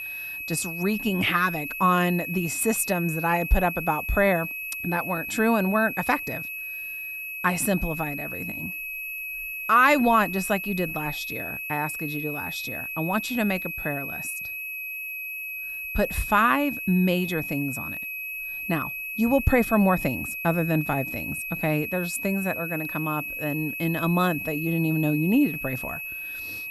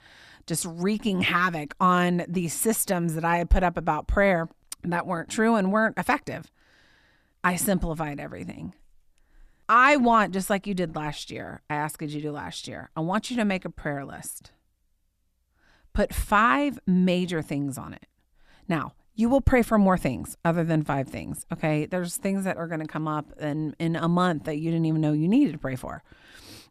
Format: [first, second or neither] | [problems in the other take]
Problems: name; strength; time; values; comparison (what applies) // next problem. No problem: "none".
second | high-pitched whine; loud; throughout; 2.5 kHz, 6 dB below the speech